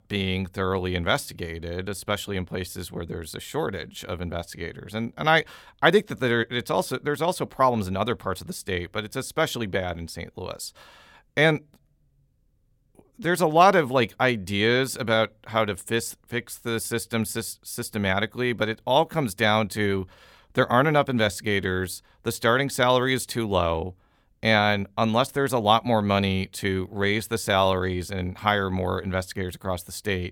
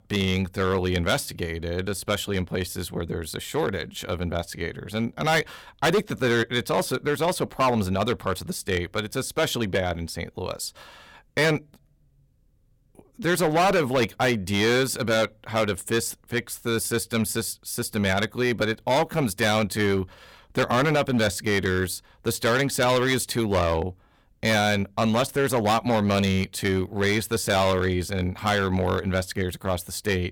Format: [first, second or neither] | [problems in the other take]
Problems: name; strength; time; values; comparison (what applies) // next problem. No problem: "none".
first | distortion; heavy; 7% of the sound clipped